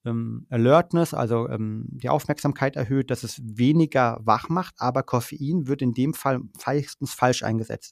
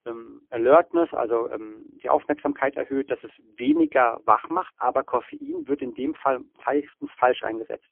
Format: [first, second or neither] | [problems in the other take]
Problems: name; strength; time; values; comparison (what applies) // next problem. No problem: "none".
first | phone-call audio; poor line; nothing above 3.5 kHz